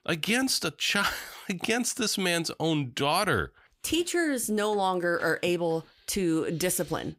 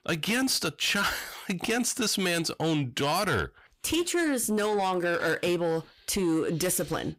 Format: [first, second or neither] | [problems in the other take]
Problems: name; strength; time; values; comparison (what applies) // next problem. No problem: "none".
first | distortion; slight; 10 dB below the speech